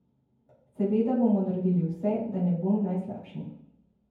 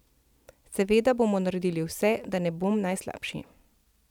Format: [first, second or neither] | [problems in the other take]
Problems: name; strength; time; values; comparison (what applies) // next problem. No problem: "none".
second | room echo; dies away in 0.9 s